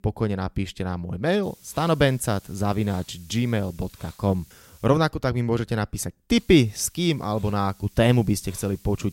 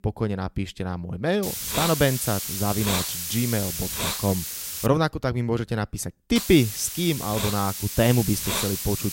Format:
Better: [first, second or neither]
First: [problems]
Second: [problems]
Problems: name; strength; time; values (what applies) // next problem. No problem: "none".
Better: first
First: hiss; faint; from 1.5 to 5 s and from 6.5 s on; 25 dB below the speech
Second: hiss; loud; from 1.5 to 5 s and from 6.5 s on; 3 dB below the speech